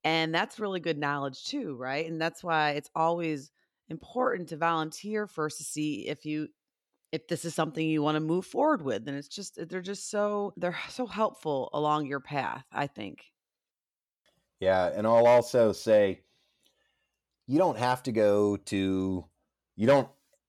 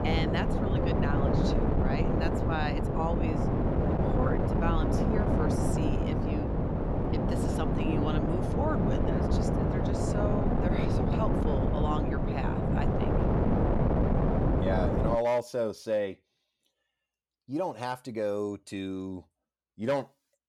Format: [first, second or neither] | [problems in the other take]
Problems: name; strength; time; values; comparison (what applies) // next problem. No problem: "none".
first | wind noise on the microphone; heavy; until 15 s; 2 dB above the speech